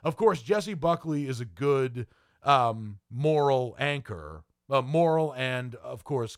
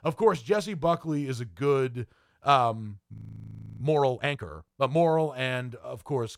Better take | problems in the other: first | audio freezing; at 3 s for 0.5 s

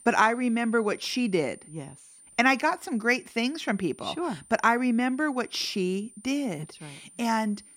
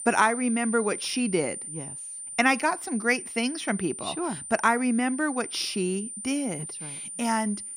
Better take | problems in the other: first | high-pitched whine; loud; throughout; 9 kHz, 8 dB below the speech; faint in the first

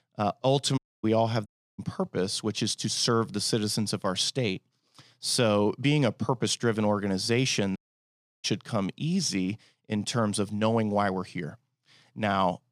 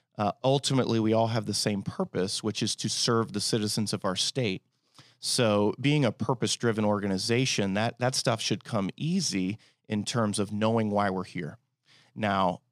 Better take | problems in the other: second | audio cutting out; at 1 s, at 1.5 s and at 8 s for 0.5 s

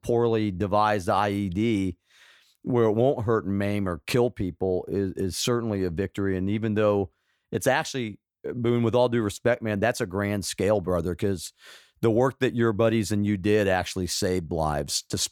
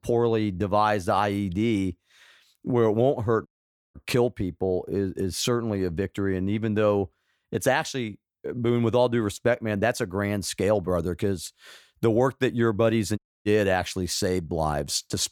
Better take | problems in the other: first | audio cutting out; at 3.5 s and at 13 s

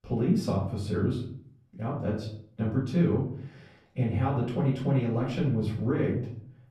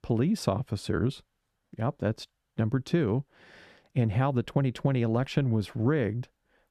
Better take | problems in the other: second | off-mic speech; far // room echo; noticeable; dies away in 0.6 s

